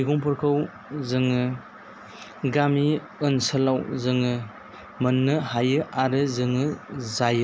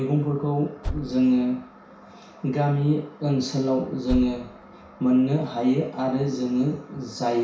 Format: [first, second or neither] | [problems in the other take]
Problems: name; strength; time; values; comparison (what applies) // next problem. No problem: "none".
first | background sound (Car); 12 dB below the speech // room echo; dies away in 0.6 s